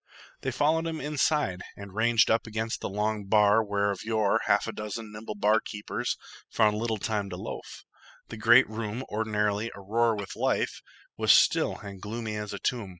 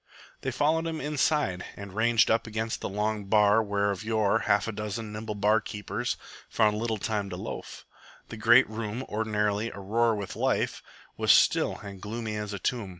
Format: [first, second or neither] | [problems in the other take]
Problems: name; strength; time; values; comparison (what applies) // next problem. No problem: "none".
second | noise reduction (classical method spectral subtraction)